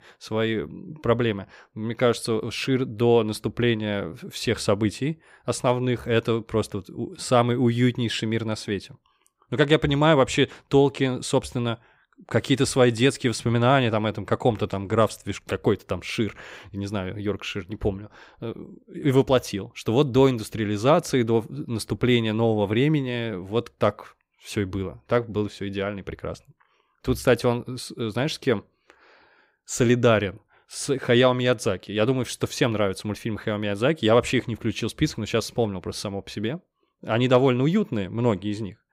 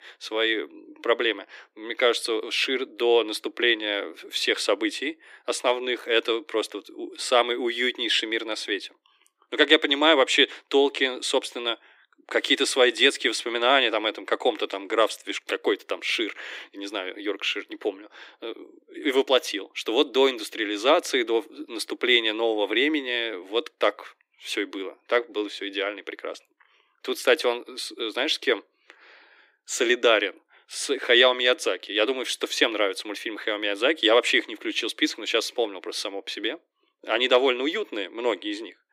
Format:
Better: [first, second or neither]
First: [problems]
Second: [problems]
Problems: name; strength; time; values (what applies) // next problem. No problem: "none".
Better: first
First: none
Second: thin; somewhat; fading below 300 Hz